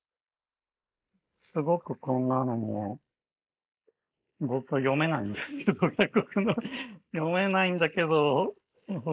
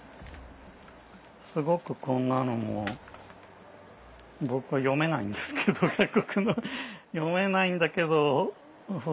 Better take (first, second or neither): second